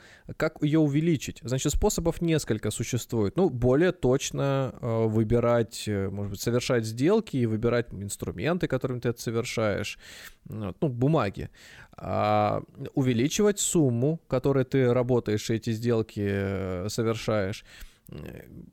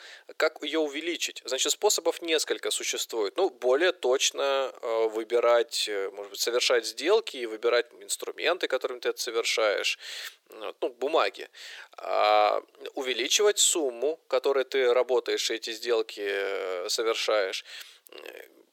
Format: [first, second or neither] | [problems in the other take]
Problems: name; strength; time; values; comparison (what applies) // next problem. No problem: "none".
first | thin; very; fading below 400 Hz